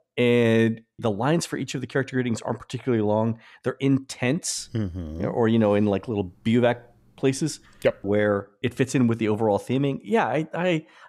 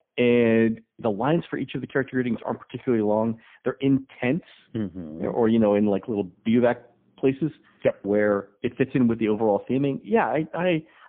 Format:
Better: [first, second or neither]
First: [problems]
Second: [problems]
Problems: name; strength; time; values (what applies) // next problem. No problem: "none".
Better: first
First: none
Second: phone-call audio; poor line; nothing above 3.5 kHz